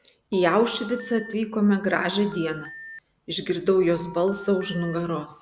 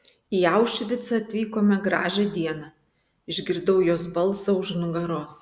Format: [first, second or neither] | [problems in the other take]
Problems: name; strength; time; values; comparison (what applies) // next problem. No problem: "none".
second | background sound (Telephone); 17 dB below the speech